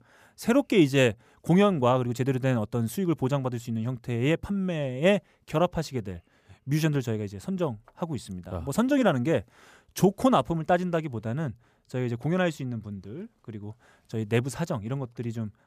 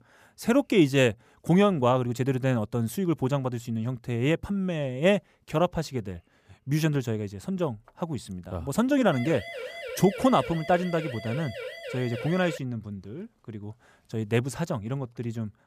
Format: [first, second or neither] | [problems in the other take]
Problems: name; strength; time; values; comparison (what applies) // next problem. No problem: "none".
first | siren; noticeable; from 9 to 13 s; peak 9 dB below the speech